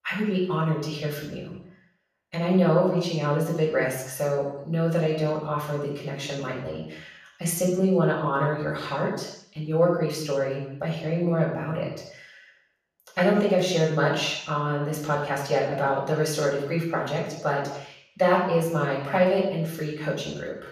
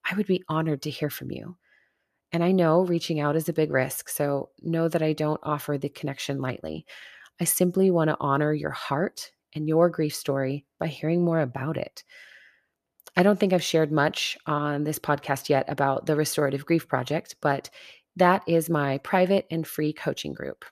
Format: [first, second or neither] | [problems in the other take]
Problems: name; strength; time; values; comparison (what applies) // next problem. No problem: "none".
second | room echo; noticeable; dies away in 0.7 s // off-mic speech; far